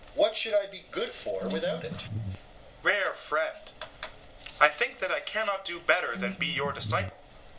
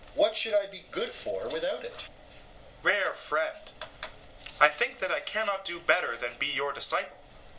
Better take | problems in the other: second | background sound (Bass guitar); 6 dB below the speech

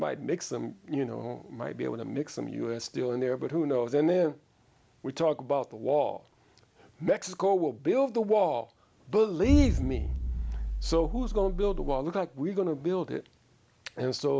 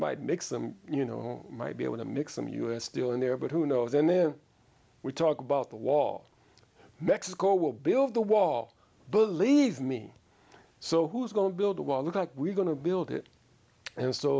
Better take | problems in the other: second | background sound (Explosion); 1 dB below the speech

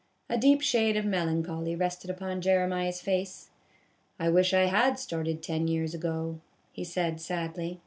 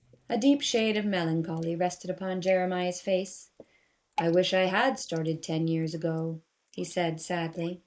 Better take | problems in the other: first | noise reduction (neural mask model Resemble Enhance denoiser)

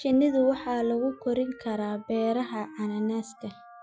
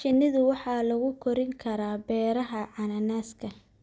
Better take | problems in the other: second | noise reduction (classical method Wiener filter)

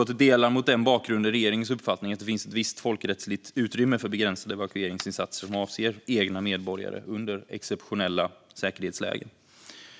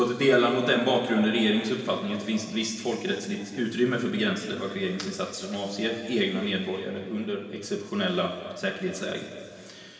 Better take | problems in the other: first | room echo; dies away in 2.5 s

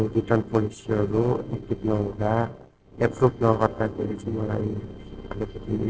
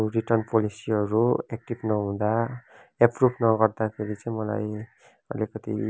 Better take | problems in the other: second | noise reduction (neural separator model SepFormer DNS4)

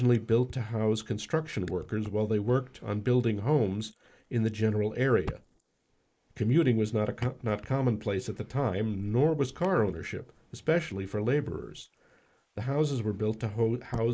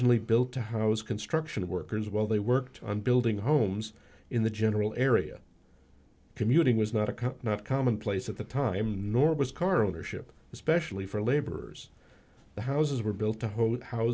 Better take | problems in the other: second | noise reduction (neural mask model Resemble Enhance denoiser)

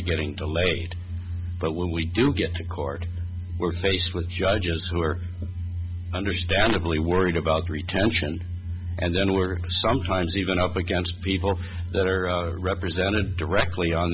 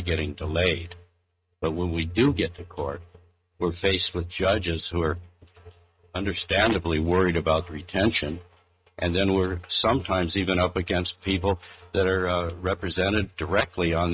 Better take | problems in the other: first | noise reduction (neural mask model RNNoise)

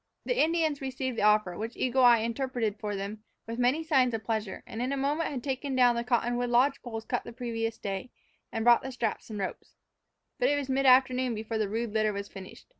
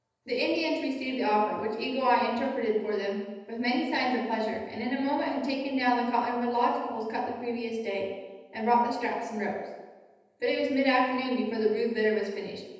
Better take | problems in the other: first | room echo; dies away in 1.1 s

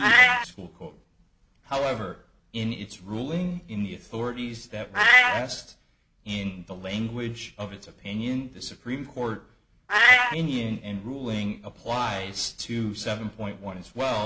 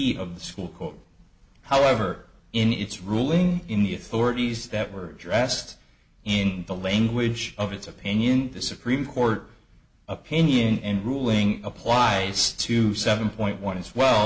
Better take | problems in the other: second | background sound (Meow); 4 dB above the speech

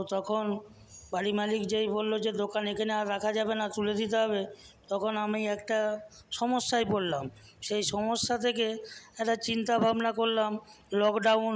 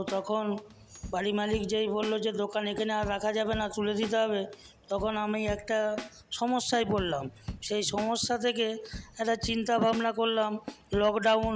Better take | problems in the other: first | background sound (Drum / Drum kit); 14 dB below the speech

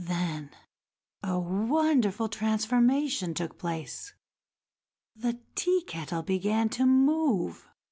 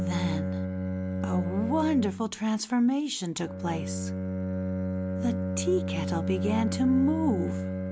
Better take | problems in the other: first | background sound (Bowed string instrument); 2 dB below the speech

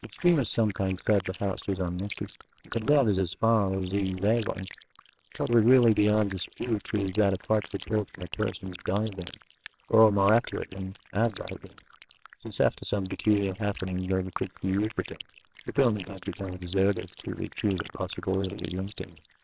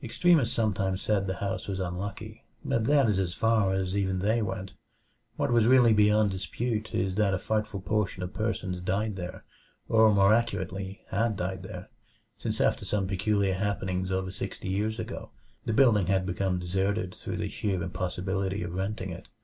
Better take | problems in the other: second | noise reduction (neural separator model SepFormer WHAMR!)

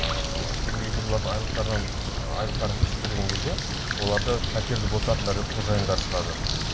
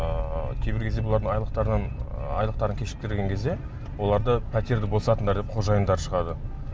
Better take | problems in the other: second | background sound (Bird); 1 dB below the speech

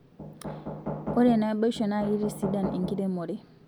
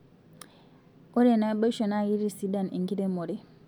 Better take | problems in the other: second | background sound (Knock); 7 dB below the speech

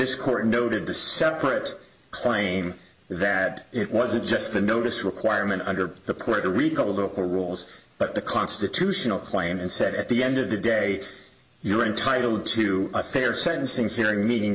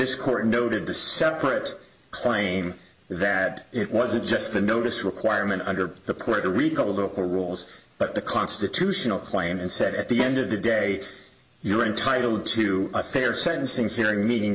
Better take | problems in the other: first | background sound (Snare drum); 10 dB below the speech

